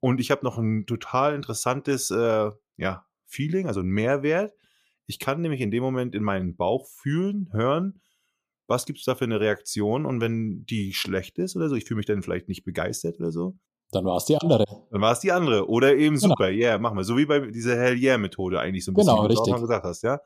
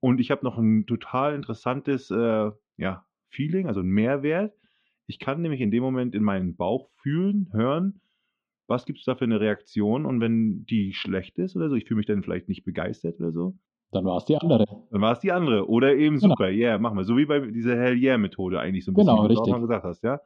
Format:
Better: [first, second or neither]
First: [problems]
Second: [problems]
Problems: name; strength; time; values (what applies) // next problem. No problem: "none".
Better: first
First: none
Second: muffled; very; fading above 3.5 kHz